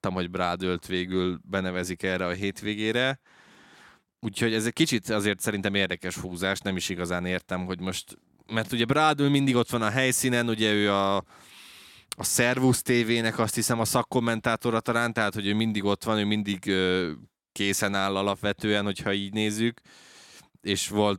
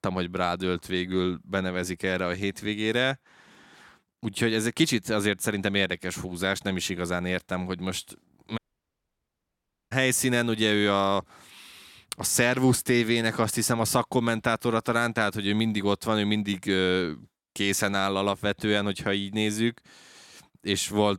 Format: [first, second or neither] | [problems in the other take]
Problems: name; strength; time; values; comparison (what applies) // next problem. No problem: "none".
first | audio cutting out; at 8.5 s for 1.5 s